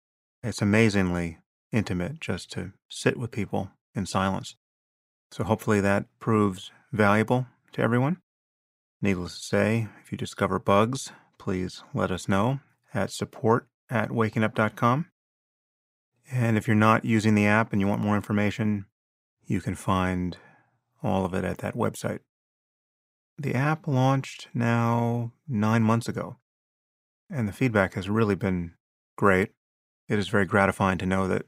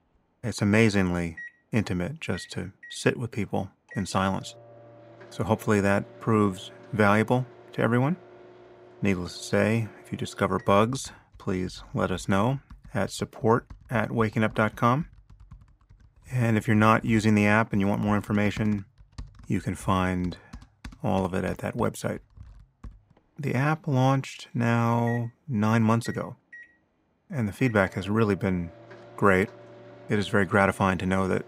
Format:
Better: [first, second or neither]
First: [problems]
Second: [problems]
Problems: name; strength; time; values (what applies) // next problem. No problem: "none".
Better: first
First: none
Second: household noises; faint; throughout; 20 dB below the speech